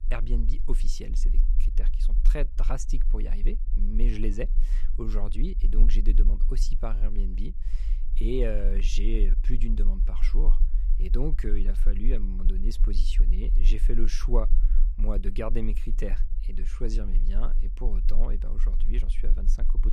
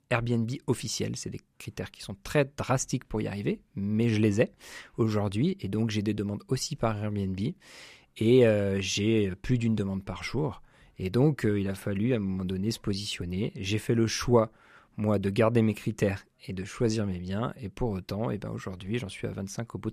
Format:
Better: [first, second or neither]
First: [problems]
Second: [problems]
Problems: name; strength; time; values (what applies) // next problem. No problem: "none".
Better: second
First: low rumble; noticeable; throughout; 15 dB below the speech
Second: none